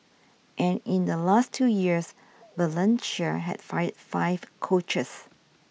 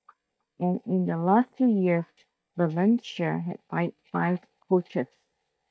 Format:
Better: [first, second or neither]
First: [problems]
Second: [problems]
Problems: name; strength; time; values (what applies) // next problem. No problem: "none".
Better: first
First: none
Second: noise reduction (neural mask model DeepFilterNet 3)